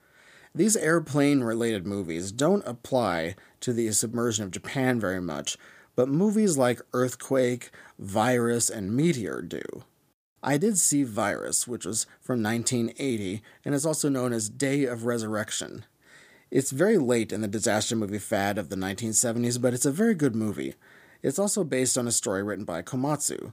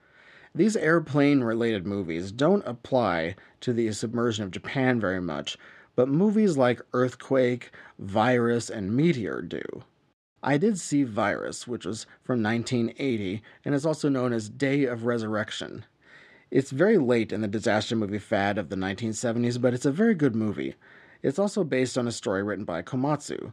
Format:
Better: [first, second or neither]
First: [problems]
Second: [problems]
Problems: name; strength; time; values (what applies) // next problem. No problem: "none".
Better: first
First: none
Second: muffled; slightly; fading above 3 kHz